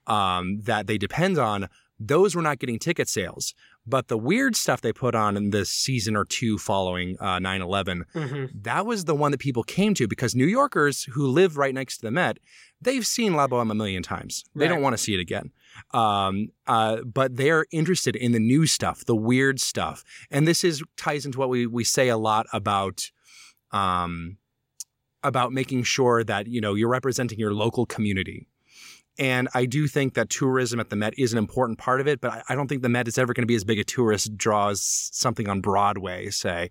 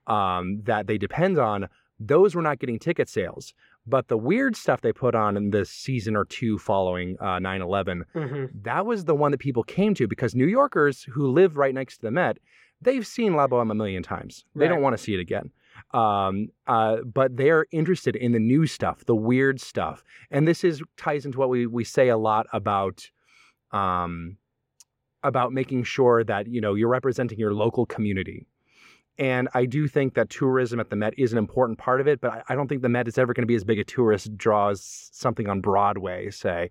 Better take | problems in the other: first | muffled; very; fading above 3.5 kHz

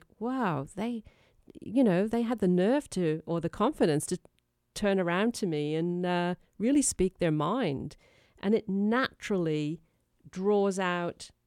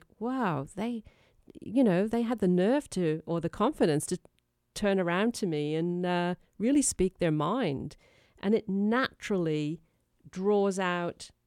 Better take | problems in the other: neither | none

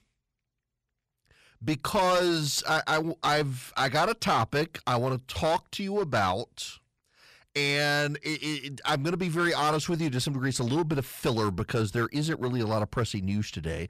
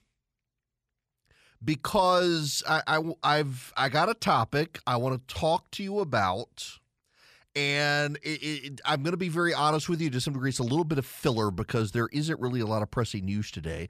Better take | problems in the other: second | distortion; slight; 7% of the sound clipped

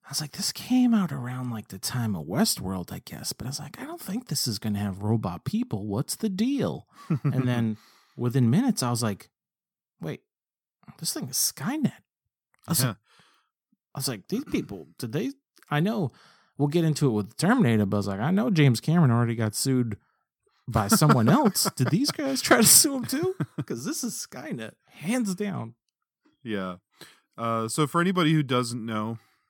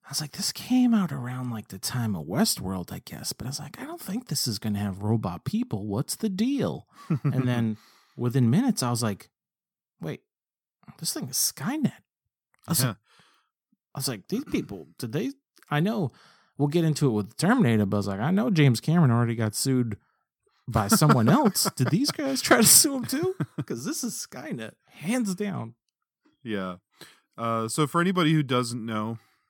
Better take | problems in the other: neither | none

